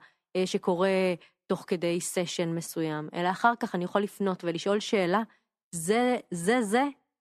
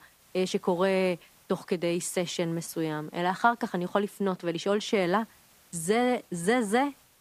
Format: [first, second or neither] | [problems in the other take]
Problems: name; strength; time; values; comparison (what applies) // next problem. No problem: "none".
first | hiss; faint; throughout; 30 dB below the speech